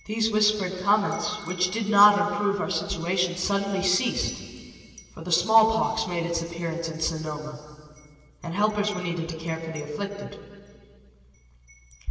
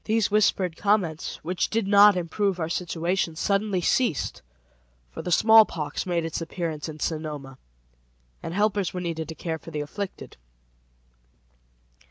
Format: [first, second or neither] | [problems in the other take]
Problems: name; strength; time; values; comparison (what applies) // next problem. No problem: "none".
second | background sound (Wind chime); 18 dB below the speech // room echo; dies away in 2.5 s